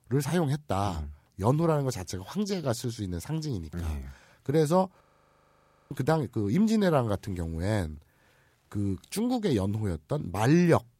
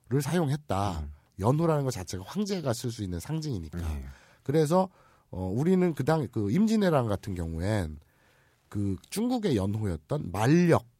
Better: second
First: audio freezing; at 5 s for 1 s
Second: none

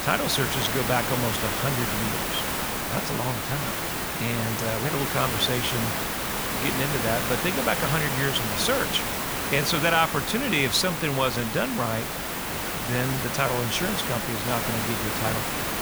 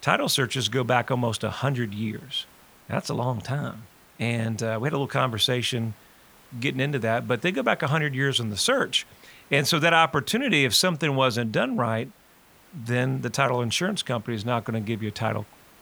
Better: second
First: hiss; loud; throughout; as loud as the speech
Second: hiss; faint; throughout; 30 dB below the speech

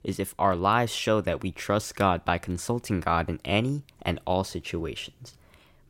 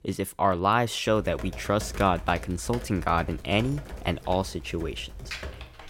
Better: first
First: none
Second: keyboard typing; noticeable; from 1 s on; peak 9 dB below the speech

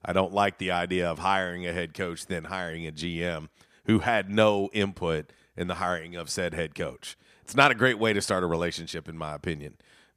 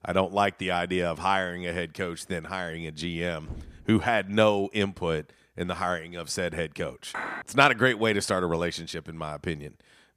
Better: first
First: none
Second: door banging; faint; at 3.5 s; peak 15 dB below the speech // clattering dishes; noticeable; at 7 s; peak 7 dB below the speech

